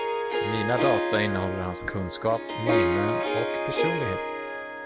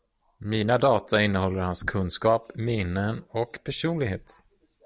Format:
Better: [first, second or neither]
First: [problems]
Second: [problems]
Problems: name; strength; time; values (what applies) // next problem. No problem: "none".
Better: second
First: background sound (Harp); 2 dB above the speech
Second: none